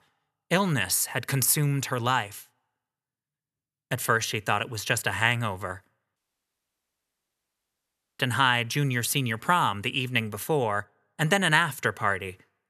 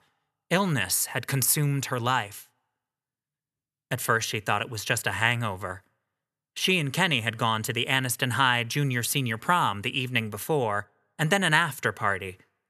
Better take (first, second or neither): second